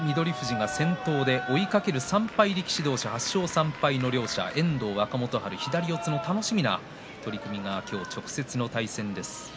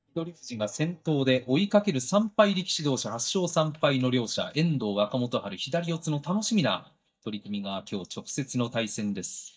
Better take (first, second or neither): first